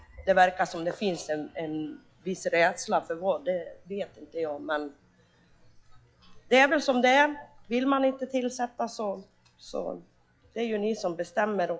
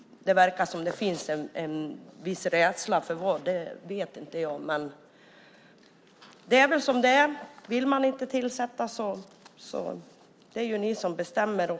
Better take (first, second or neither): second